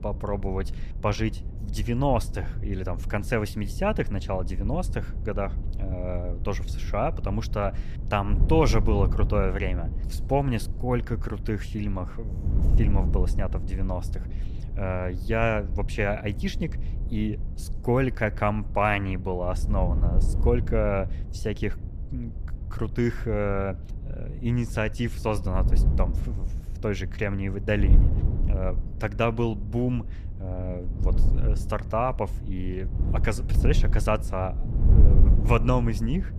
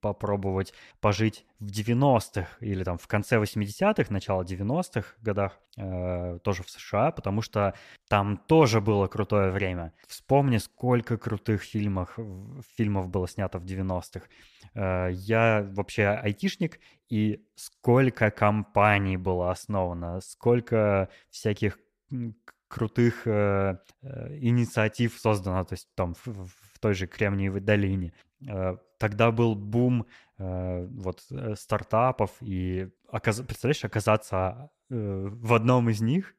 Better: second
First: wind noise on the microphone; occasional gusts; 15 dB below the speech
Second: none

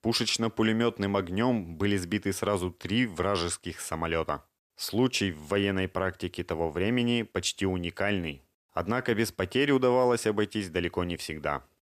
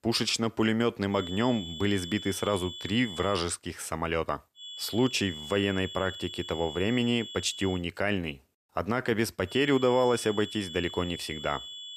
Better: first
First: none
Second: high-pitched whine; noticeable; from 1 to 3.5 s, from 4.5 to 8 s and from 9.5 s on; 3.5 kHz, 10 dB below the speech

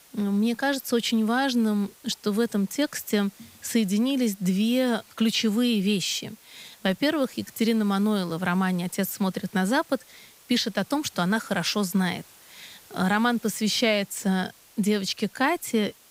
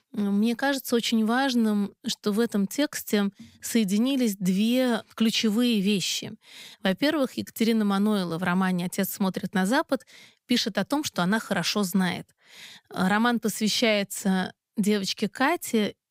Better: second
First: hiss; faint; throughout; 25 dB below the speech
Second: none

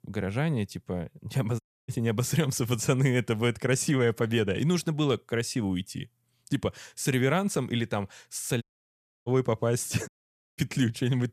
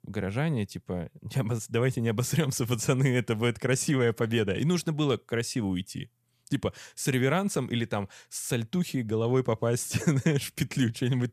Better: second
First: audio cutting out; at 1.5 s, at 8.5 s for 0.5 s and at 10 s for 0.5 s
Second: none

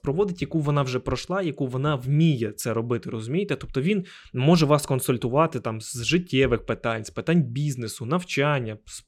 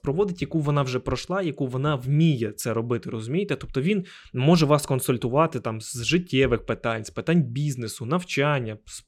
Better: neither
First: none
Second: none

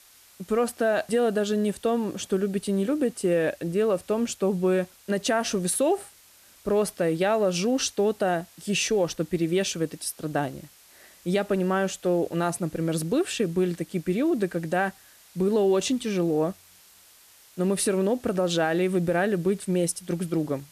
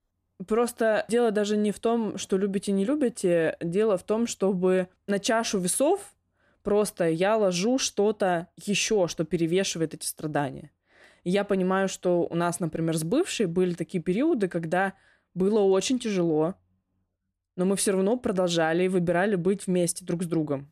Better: second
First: hiss; faint; throughout; 25 dB below the speech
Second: none

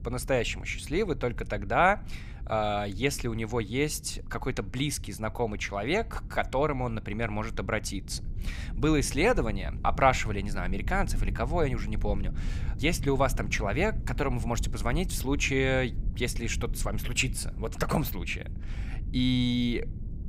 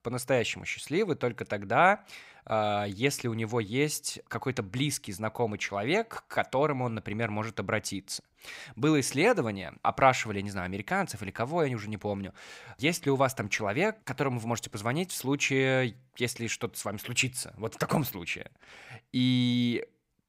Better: second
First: low rumble; faint; throughout; 20 dB below the speech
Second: none

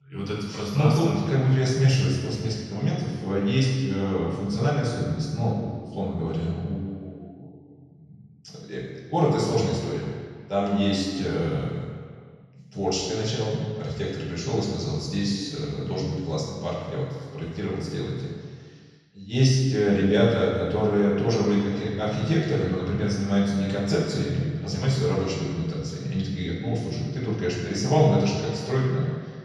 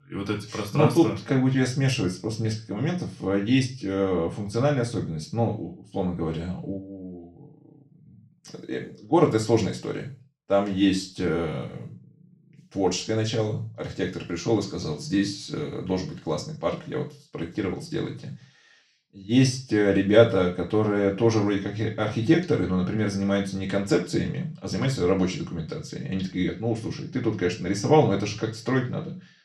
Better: second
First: room echo; strong; dies away in 1.8 s // off-mic speech; far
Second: room echo; slight; dies away in 0.3 s // off-mic speech; somewhat distant

